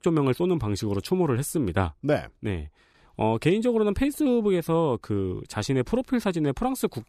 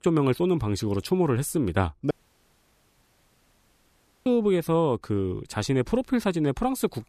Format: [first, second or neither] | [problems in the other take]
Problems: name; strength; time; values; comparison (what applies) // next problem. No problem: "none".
first | audio cutting out; at 2 s for 2 s